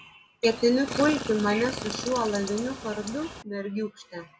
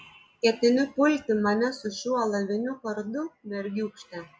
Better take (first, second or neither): second